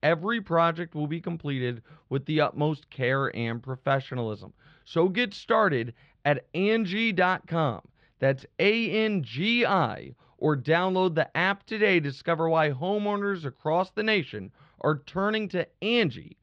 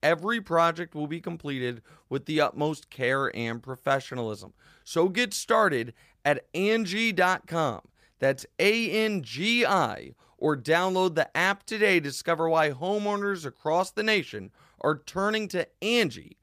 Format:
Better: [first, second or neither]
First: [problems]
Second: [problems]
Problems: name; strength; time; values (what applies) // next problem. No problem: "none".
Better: second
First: muffled; very slightly; fading above 3.5 kHz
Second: none